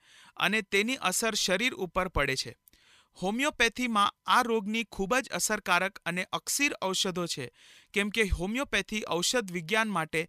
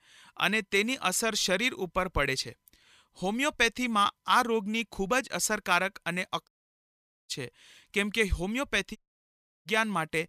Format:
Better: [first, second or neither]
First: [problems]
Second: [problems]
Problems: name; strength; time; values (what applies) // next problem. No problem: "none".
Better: first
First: none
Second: audio cutting out; at 6.5 s for 1 s and at 9 s for 0.5 s